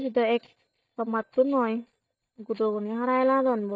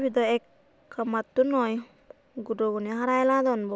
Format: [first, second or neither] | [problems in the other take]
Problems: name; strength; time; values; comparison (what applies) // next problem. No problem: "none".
second | noise reduction (neural mask model DeepFilterNet 3)